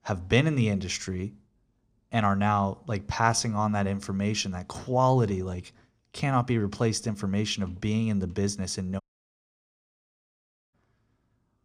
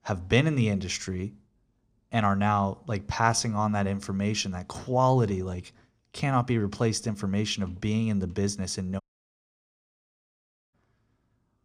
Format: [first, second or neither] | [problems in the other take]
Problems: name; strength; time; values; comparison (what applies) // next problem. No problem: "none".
neither | audio cutting out; at 9 s for 1.5 s; the same in both